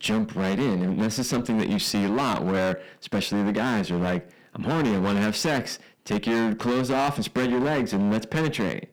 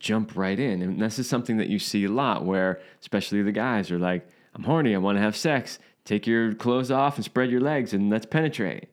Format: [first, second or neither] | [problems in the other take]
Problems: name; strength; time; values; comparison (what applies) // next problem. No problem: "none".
second | distortion; heavy; 24% of the sound clipped